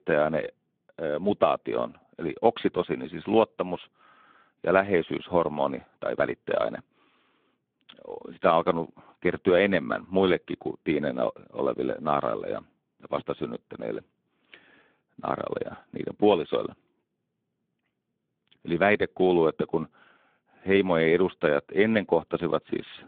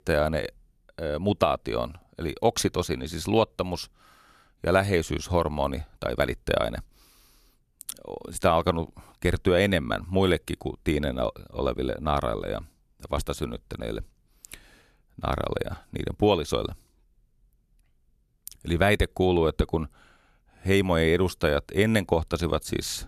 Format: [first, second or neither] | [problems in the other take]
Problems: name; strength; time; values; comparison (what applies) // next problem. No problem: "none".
second | phone-call audio